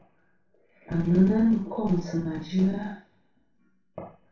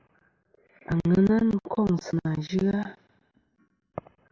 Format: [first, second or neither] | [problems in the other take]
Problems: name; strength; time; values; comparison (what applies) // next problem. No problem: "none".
second | room echo; dies away in 0.3 s